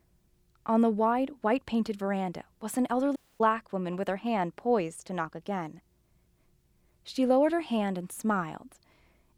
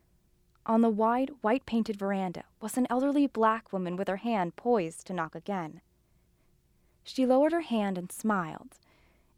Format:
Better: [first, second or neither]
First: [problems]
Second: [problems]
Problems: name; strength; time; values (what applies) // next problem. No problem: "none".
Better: second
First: audio cutting out; at 3 s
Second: none